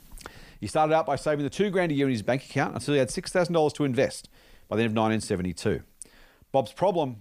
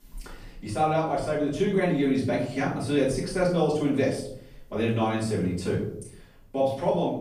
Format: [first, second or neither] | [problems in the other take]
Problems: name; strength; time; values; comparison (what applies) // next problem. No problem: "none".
first | off-mic speech; far // room echo; noticeable; dies away in 0.6 s